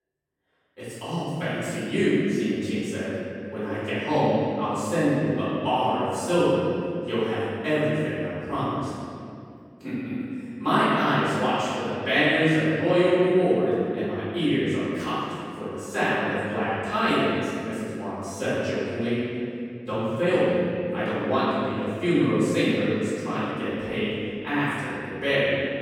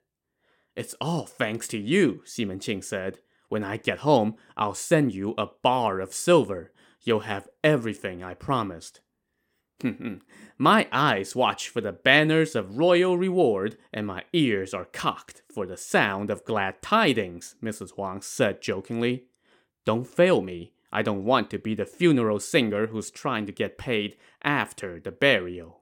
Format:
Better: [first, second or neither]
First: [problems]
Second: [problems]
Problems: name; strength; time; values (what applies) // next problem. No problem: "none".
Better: second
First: off-mic speech; far // room echo; strong; dies away in 2.3 s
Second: none